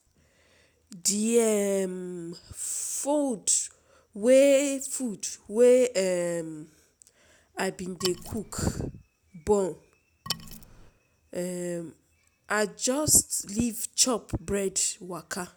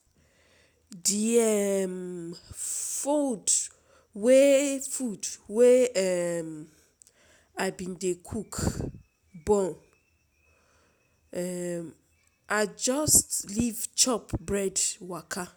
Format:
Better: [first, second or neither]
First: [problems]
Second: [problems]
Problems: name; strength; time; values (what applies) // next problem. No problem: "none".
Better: second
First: background sound (Wood); 11 dB below the speech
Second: none